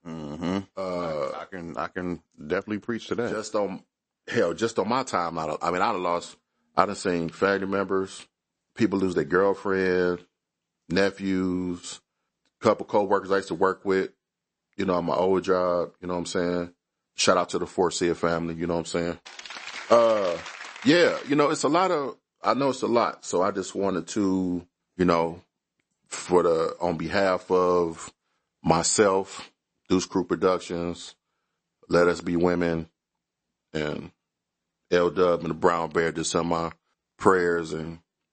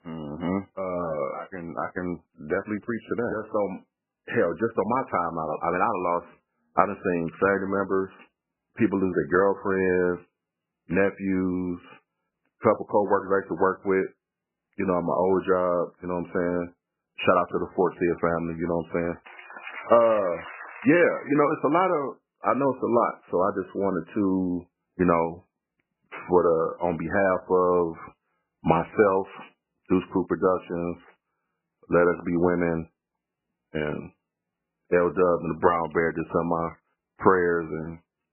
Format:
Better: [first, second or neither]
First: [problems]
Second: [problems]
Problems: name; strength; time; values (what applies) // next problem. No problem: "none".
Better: first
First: garbled, watery; slightly; nothing above 8 kHz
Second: garbled, watery; badly; nothing above 3 kHz